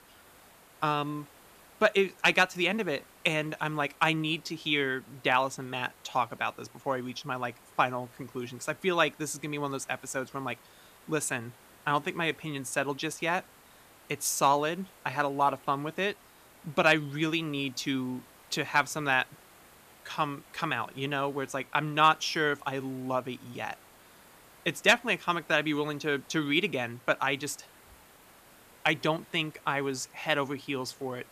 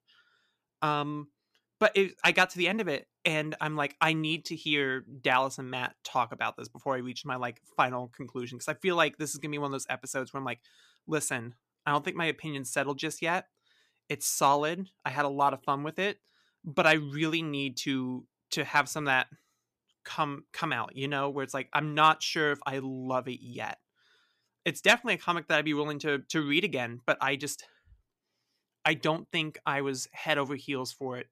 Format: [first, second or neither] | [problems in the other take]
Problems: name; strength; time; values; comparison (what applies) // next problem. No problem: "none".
second | hiss; faint; throughout; 25 dB below the speech